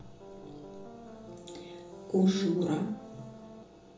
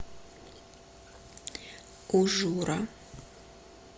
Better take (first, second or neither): second